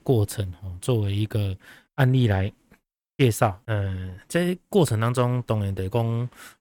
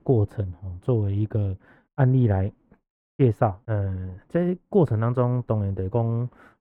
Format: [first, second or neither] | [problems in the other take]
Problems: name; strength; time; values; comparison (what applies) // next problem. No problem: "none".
first | muffled; very; fading above 2.5 kHz